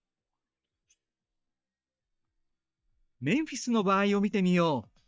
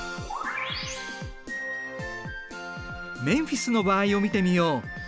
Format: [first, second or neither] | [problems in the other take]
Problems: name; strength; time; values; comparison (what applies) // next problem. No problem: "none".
second | noise reduction (neural mask model DeepFilterNet 3)